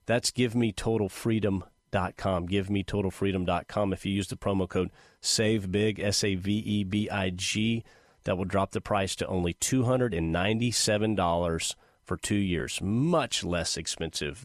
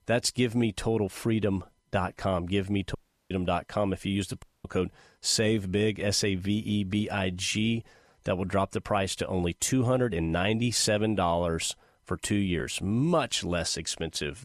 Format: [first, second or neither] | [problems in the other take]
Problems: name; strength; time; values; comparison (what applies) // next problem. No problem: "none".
first | audio cutting out; at 3 s and at 4.5 s